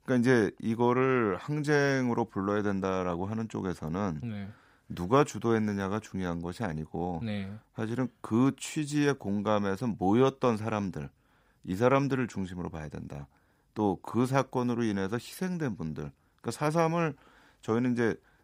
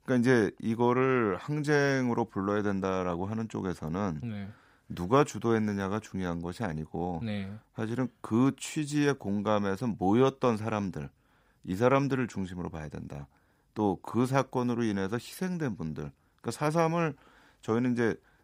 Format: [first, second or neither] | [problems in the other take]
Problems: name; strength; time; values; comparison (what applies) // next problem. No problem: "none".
neither | none